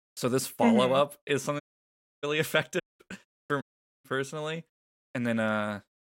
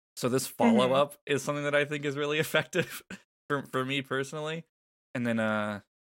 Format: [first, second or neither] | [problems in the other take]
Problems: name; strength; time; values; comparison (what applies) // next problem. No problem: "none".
second | audio cutting out; at 1.5 s for 0.5 s, at 3 s and at 3.5 s